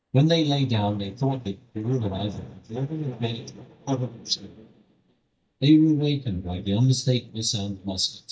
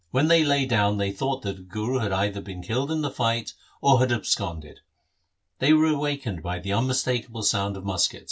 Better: second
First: noise reduction (neural mask model DeepFilterNet 3)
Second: none

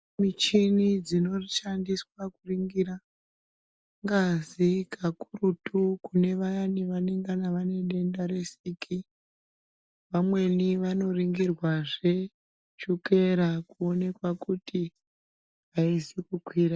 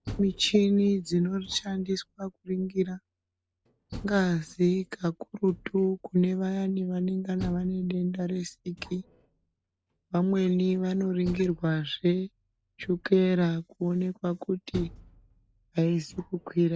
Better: first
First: none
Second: background sound (Door); 19 dB below the speech

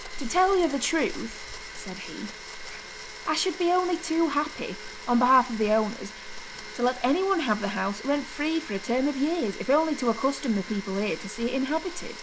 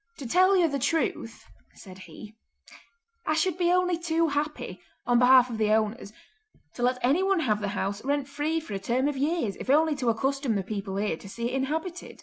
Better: second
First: background sound (Domestic sounds, home sounds + Squeak / Walk, footsteps); 12 dB below the speech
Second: none

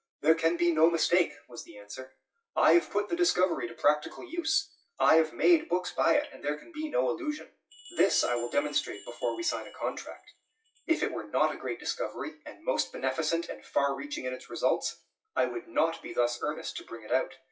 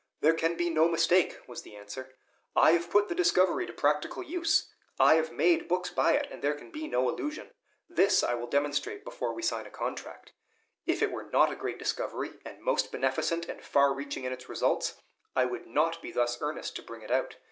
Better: second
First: noise reduction (classical method WPE with log-MMSE)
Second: none

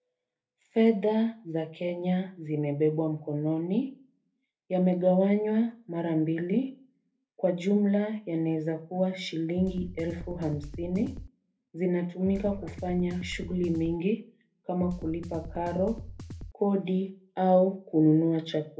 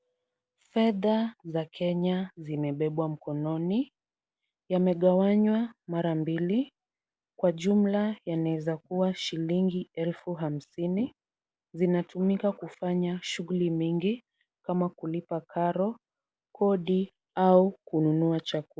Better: second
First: background sound (Drum kit); 12 dB below the speech // room echo; dies away in 0.3 s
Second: none

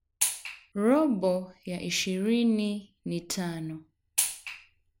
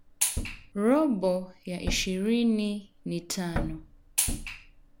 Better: first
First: none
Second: background sound (Thump, thud); 9 dB below the speech

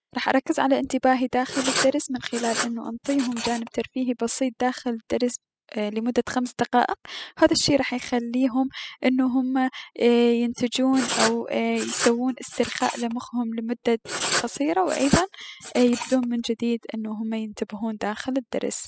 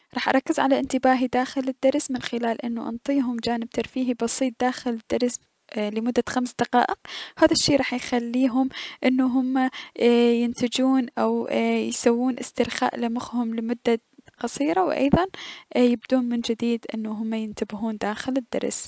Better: second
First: noise reduction (classical method spectral subtraction)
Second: none

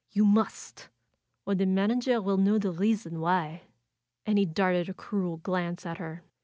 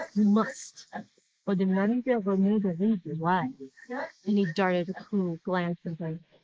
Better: first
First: none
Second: noise reduction (neural mask model Resemble Enhance denoiser)

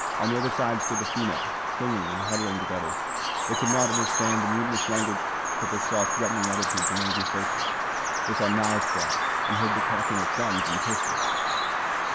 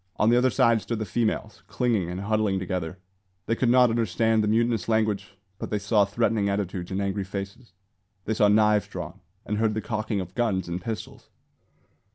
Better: second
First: background sound (Bird vocalization, bird call, bird song); 4 dB above the speech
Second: none

